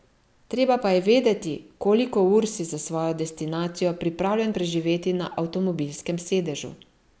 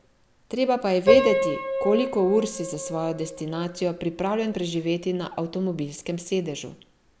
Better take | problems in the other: first | background sound (Piano); 4 dB below the speech

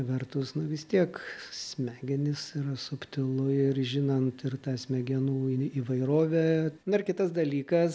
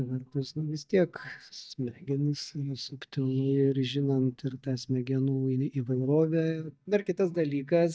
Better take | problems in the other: first | noise reduction (neural mask model DeepFilterNet 3)

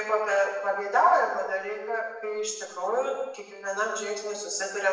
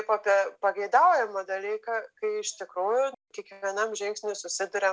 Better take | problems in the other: second | room echo; dies away in 1 s

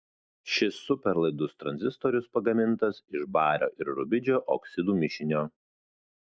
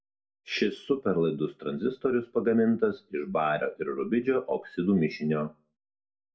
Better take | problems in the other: first | room echo; dies away in 0.2 s

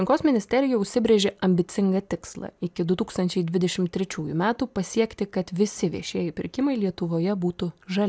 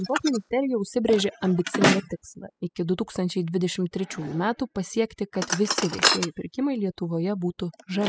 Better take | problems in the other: first | noise reduction (classical method spectral subtraction)

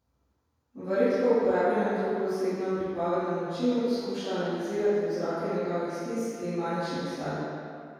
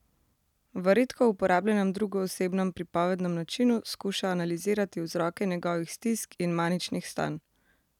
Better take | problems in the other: second | room echo; dies away in 2.2 s

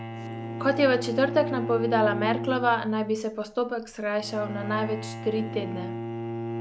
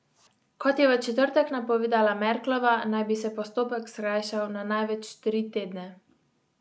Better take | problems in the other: second | background sound (Bowed string instrument); 7 dB below the speech

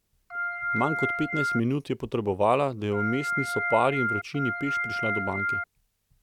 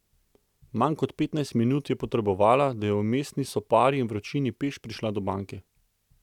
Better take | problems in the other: second | background sound (Organ); 1 dB below the speech

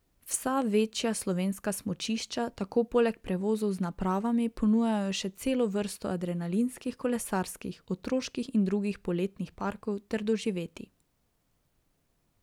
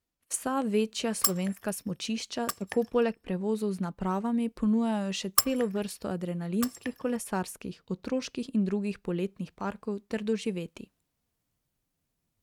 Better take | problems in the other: first | noise reduction (neural mask model RNNoise)

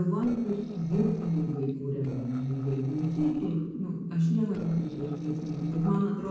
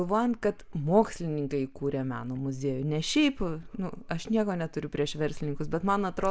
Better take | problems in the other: second | noise reduction (neural separator model SepFormer DNS4)

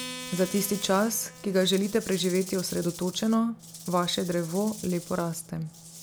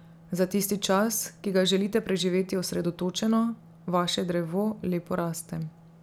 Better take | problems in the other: second | background sound (Rattle / Rattle (instrument) + Acoustic guitar); 14 dB below the speech

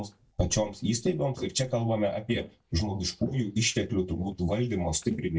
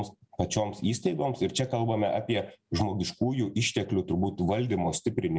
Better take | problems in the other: second | noise reduction (neural mask model DeepFilterNet 3)

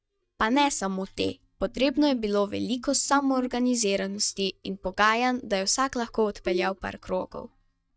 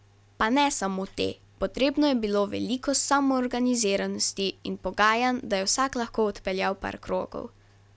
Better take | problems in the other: second | noise reduction (neural mask model DeepFilterNet 3)

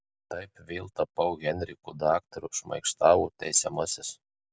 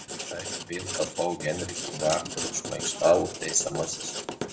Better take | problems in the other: first | background sound (Writing); 6 dB below the speech // room echo; dies away in 0.6 s

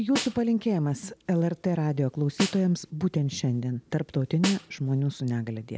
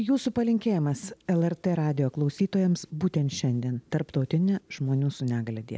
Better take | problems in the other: second | background sound (Snare drum); 10 dB below the speech

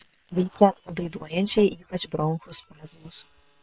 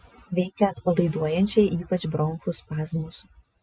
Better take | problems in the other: second | noise reduction (neural separator model SepFormer WHAM!)

